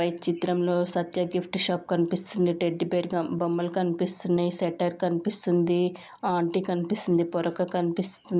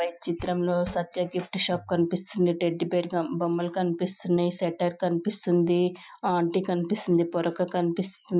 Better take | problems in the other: first | noise reduction (classical method Wiener filter)

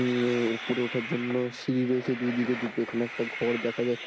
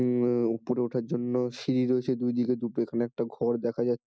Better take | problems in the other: second | background sound (Train); 10 dB below the speech

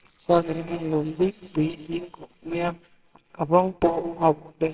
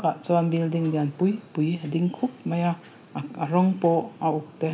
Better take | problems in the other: second | noise reduction (neural separator model SepFormer WHAMR!)

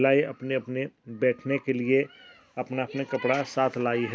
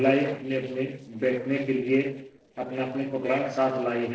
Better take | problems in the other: first | noise reduction (neural separator model SepFormer DNS4)

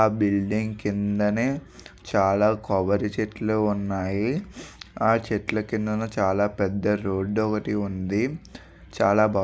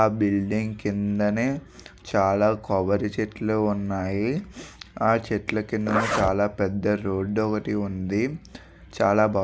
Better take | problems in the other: first | background sound (Zipper (clothing)); 6 dB below the speech

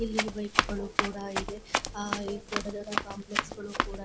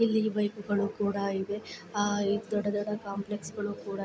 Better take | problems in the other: second | background sound (Run); 4 dB above the speech

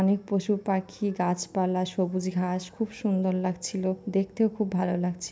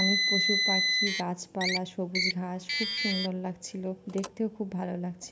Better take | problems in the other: first | background sound (Car); 2 dB above the speech

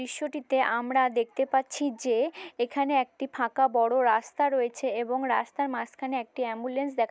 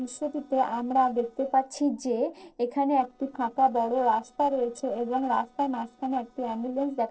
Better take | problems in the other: first | noise reduction (neural separator model SepFormer DNS4)

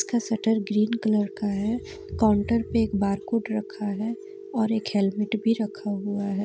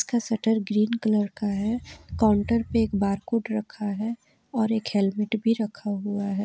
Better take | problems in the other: second | background sound (Telephone); 16 dB below the speech

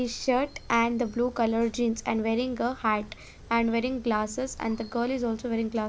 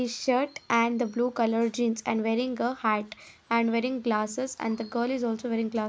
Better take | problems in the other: second | background sound (Fire); 19 dB below the speech

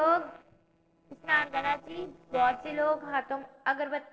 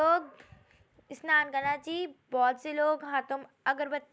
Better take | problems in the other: second | noise reduction (neural separator model SepFormer DNS4)

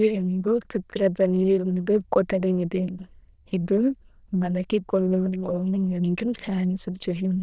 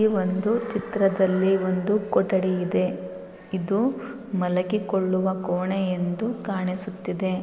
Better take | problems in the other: second | noise reduction (neural diffusion model UNIVERSE++)

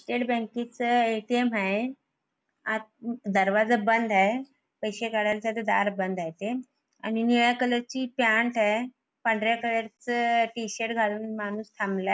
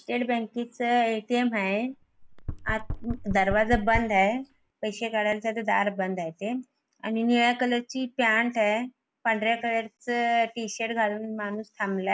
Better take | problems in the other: first | background sound (Knock); 8 dB below the speech

